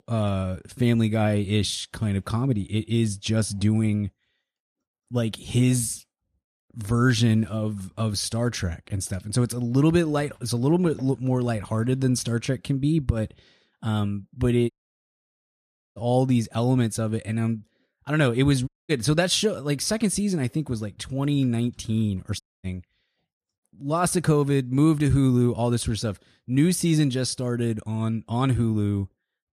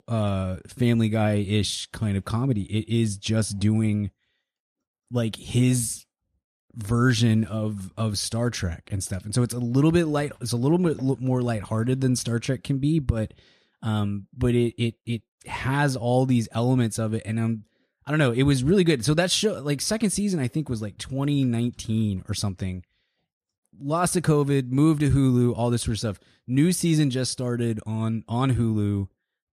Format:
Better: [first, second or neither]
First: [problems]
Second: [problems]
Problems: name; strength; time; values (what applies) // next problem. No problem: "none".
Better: second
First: audio cutting out; at 15 s for 1.5 s, at 19 s and at 22 s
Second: none